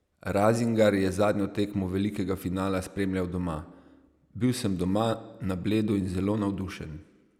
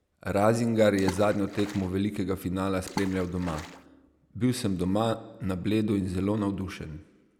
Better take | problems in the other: first | background sound (Water / Splash, splatter); 13 dB below the speech

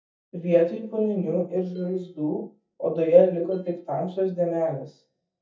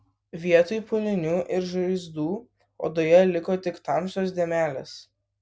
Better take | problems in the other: second | noise reduction (neural mask model DeepFilterNet 3)

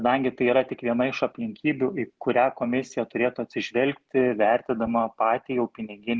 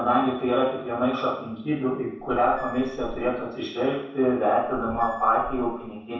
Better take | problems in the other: first | background sound (Squeak / Screech); 16 dB below the speech // room echo; dies away in 0.7 s

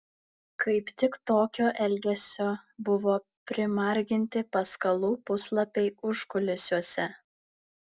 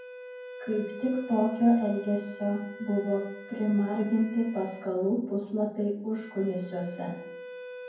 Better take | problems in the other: first | background sound (Wind instrument, woodwind instrument); 15 dB below the speech // room echo; dies away in 0.9 s

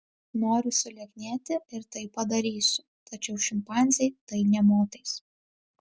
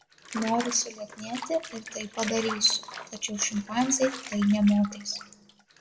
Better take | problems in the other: first | background sound (Bathtub (filling or washing) / Water); 12 dB below the speech // room echo; dies away in 0.5 s

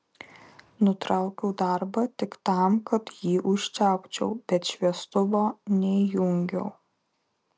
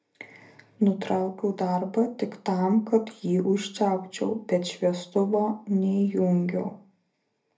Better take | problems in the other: first | room echo; dies away in 0.3 s

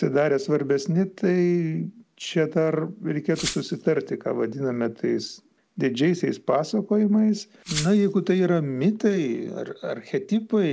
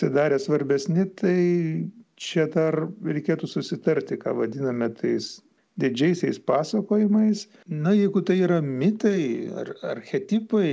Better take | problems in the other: second | background sound (Glass); 12 dB below the speech

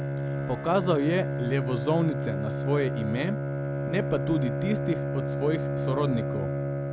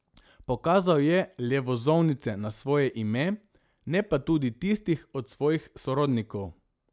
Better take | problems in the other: second | background sound (Bowed string instrument); as loud as the speech

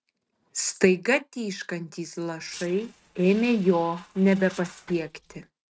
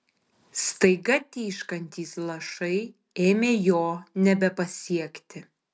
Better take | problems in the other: second | noise reduction (neural mask model RNNoise)

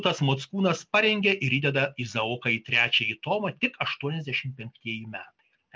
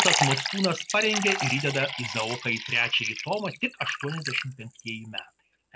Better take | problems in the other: first | background sound (Liquid); 3 dB below the speech

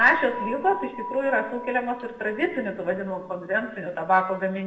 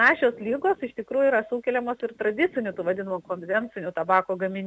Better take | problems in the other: second | background sound (Dishes, pots, and pans / Chink, clink); 12 dB below the speech // room echo; dies away in 0.8 s

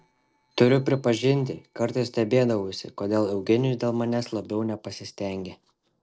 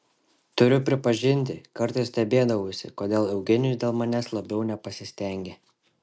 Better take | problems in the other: second | noise reduction (neural separator model SepFormer DNS4)

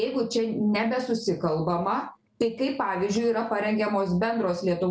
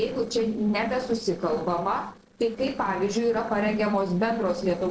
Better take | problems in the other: first | noise reduction (neural separator model SepFormer DNS4)

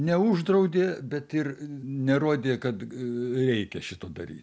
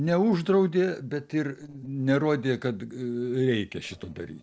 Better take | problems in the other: first | noise reduction (neural separator model SepFormer DNS4)

